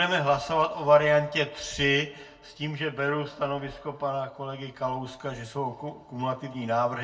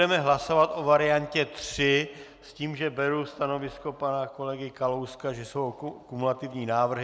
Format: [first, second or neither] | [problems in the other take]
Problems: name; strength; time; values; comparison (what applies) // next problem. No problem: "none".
second | room echo; dies away in 0.2 s